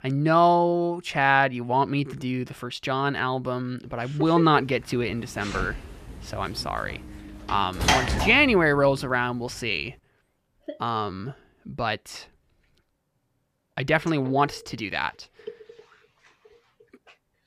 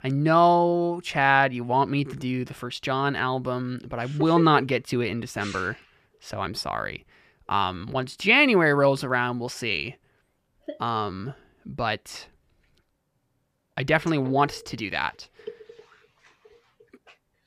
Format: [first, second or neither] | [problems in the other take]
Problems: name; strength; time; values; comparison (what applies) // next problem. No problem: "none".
second | door banging; loud; from 5.5 to 8.5 s; peak 3 dB above the speech